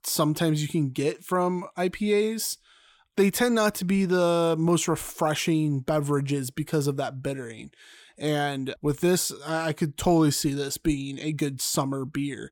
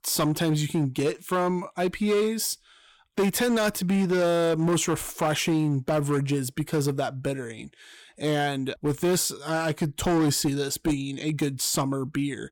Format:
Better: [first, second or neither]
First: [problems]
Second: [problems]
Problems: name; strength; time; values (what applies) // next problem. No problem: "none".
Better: first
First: none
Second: distortion; slight; 9% of the sound clipped